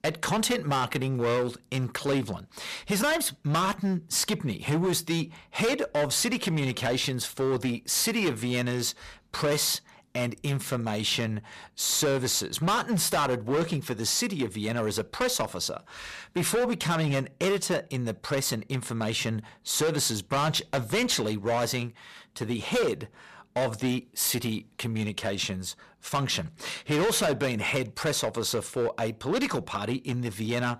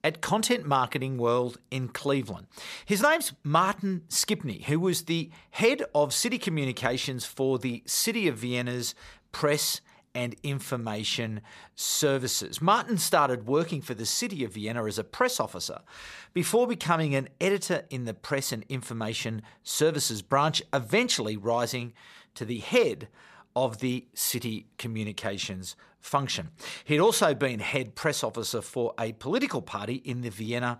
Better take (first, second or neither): second